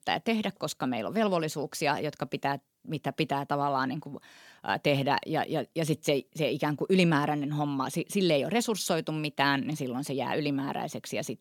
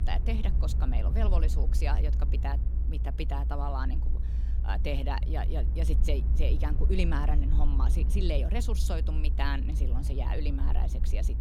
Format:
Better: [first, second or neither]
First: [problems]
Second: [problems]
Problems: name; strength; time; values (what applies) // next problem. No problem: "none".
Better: first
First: none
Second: low rumble; loud; throughout; 9 dB below the speech